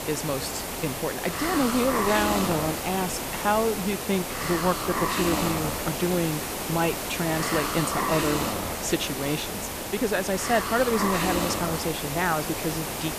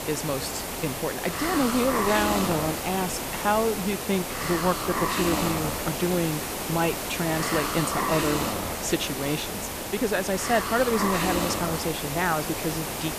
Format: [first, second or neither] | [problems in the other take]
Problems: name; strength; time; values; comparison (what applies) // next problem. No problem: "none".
neither | hiss; loud; throughout; 1 dB below the speech; the same in both